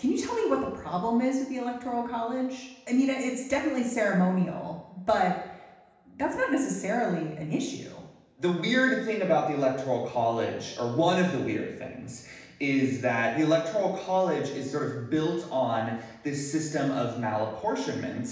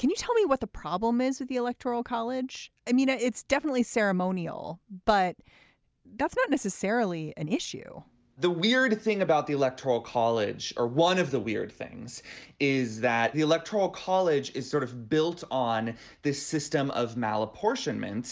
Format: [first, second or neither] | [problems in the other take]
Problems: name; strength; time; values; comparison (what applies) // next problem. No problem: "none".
second | room echo; dies away in 0.9 s